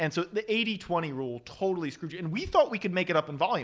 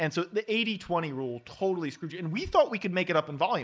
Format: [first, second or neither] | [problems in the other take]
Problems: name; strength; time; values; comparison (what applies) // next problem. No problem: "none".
first | noise reduction (neural mask model Resemble Enhance denoiser)